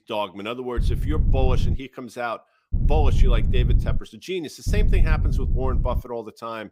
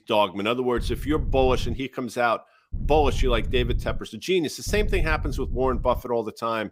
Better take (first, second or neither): second